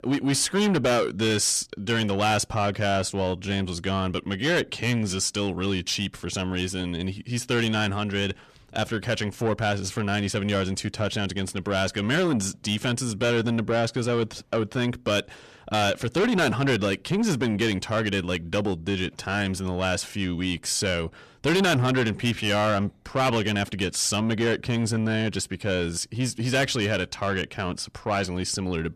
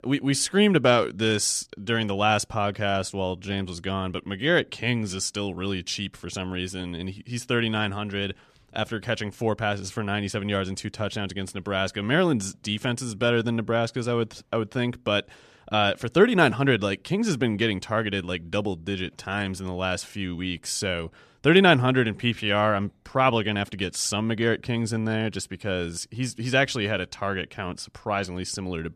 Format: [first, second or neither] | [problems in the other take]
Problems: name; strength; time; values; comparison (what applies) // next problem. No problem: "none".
second | distortion; heavy; 7 dB below the speech